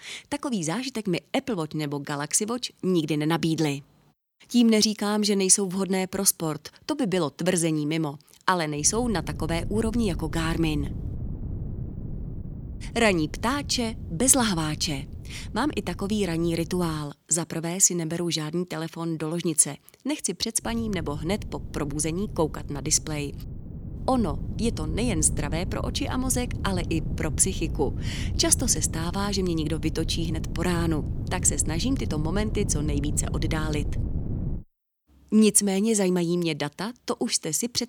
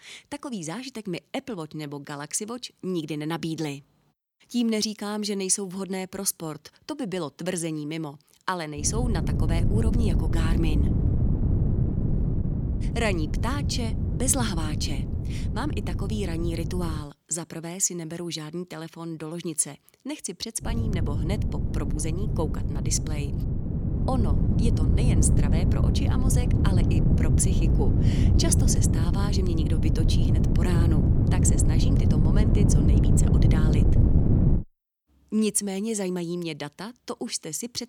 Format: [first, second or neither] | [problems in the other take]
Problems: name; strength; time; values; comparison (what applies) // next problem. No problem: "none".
first | wind noise on the microphone; heavy; from 9 to 17 s and from 21 to 35 s; 2 dB below the speech; occasional gusts in the first